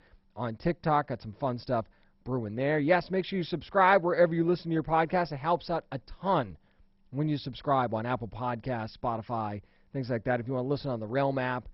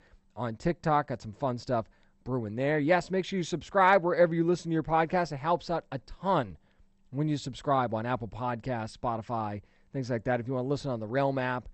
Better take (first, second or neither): second